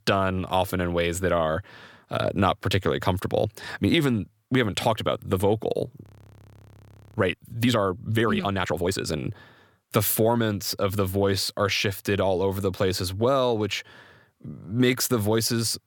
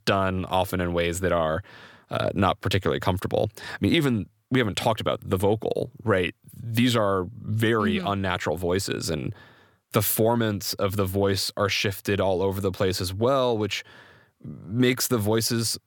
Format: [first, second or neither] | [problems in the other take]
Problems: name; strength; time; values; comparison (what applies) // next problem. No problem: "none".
second | audio freezing; at 6 s for 1 s